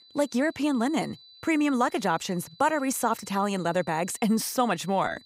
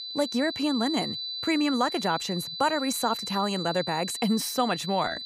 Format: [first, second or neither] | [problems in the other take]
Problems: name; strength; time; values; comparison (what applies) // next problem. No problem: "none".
first | high-pitched whine; loud; throughout; 4 kHz, 5 dB below the speech; faint in the first